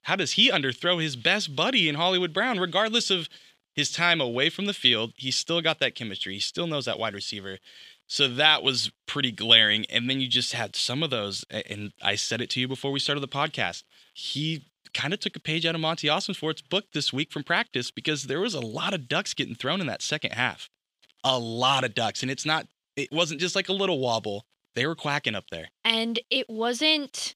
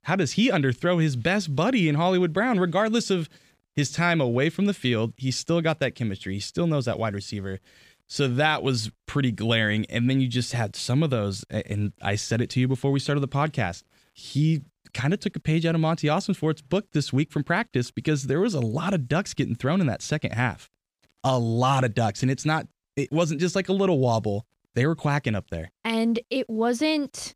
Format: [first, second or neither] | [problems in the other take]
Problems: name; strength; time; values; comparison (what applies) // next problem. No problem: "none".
second | thin; very slightly; fading below 400 Hz